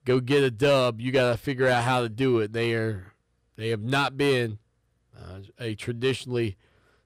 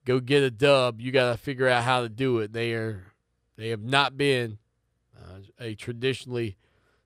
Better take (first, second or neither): second